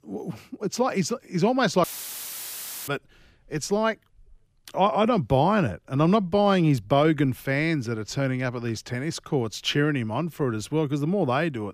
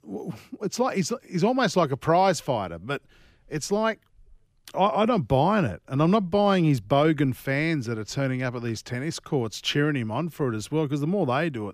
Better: second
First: audio cutting out; filled with static; at 2 s for 1 s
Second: none

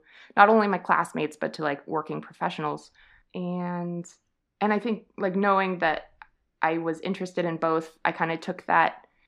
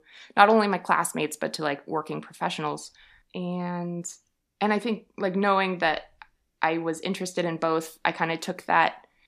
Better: second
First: muffled; slightly; fading above 2 kHz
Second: none

